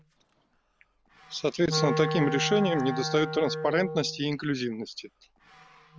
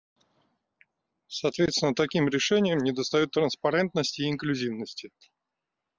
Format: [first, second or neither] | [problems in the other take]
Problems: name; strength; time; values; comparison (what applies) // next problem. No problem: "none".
second | background sound (Wind instrument, woodwind instrument); 6 dB below the speech